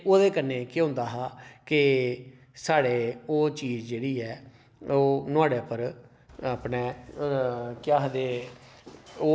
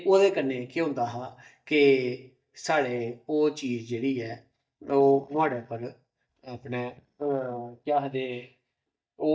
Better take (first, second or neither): first